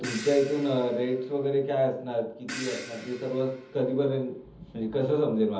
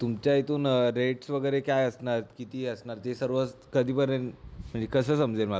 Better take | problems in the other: second | background sound (Crash cymbal); 16 dB below the speech // room echo; dies away in 0.7 s

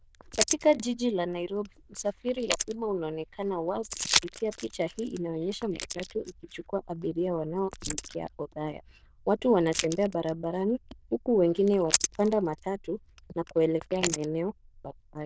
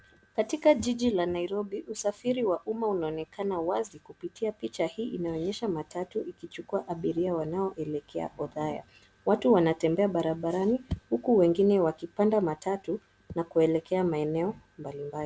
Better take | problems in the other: second | noise reduction (neural diffusion model UNIVERSE++)

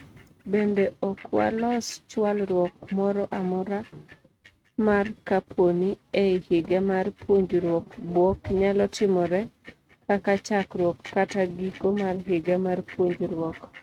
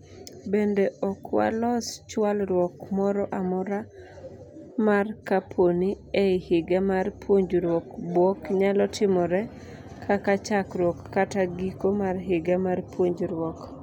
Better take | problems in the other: second | noise reduction (neural mask model RNNoise)

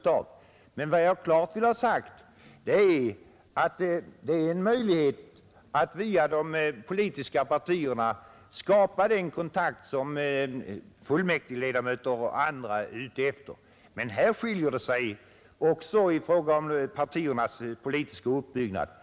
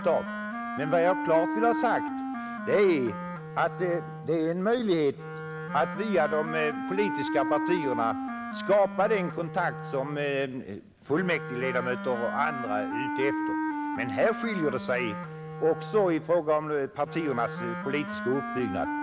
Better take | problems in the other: first | background sound (Wind instrument, woodwind instrument); 6 dB below the speech

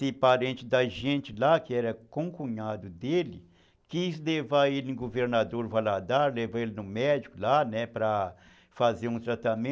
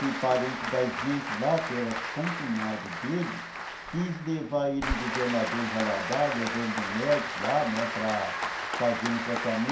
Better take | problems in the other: first | background sound (Applause); 4 dB below the speech // room echo; dies away in 0.5 s

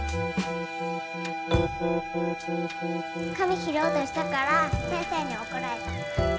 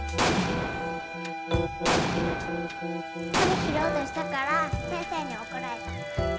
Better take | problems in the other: first | background sound (Explosion); as loud as the speech

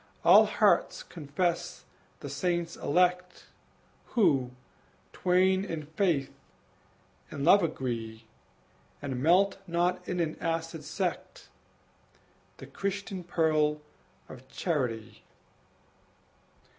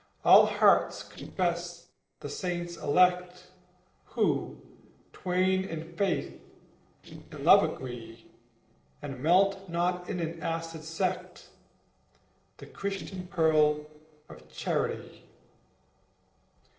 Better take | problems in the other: first | noise reduction (neural separator model SepFormer DNS4)

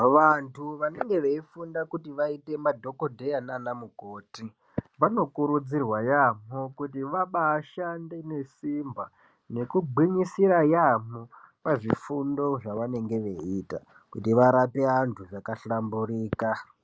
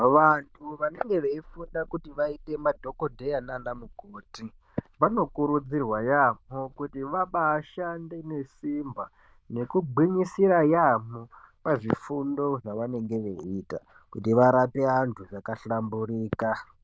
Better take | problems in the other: first | noise reduction (neural diffusion model UNIVERSE++)

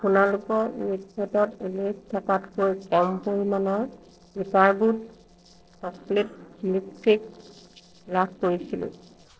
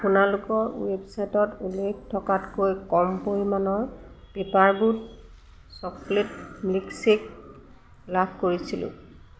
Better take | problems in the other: second | noise reduction (neural separator model SepFormer DNS4)

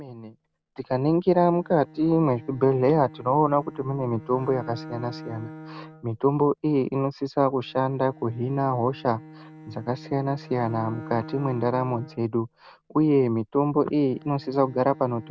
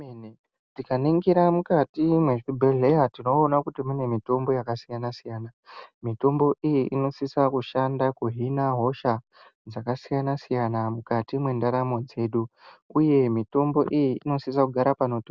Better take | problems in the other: second | background sound (Bowed string instrument); 19 dB below the speech

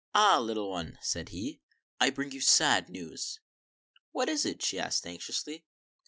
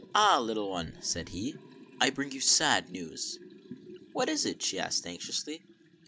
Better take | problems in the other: first | background sound (Liquid); 20 dB below the speech

